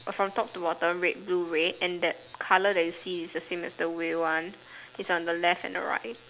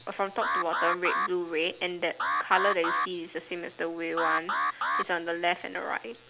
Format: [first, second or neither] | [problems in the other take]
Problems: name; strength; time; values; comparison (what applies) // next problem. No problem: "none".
first | background sound (Alarm); as loud as the speech